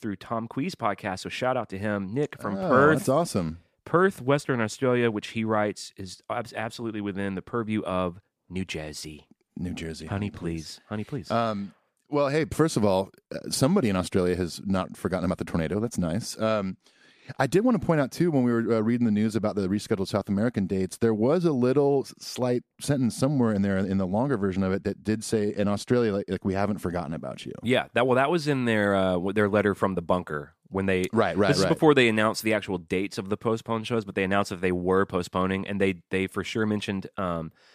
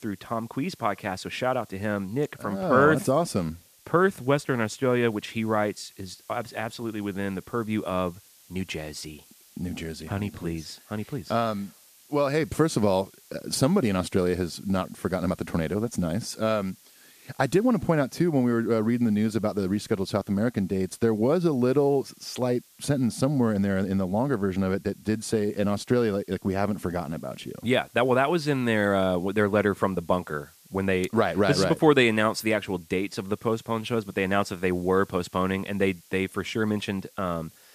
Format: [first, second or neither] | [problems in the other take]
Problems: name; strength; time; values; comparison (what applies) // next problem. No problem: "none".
first | hiss; faint; throughout; 25 dB below the speech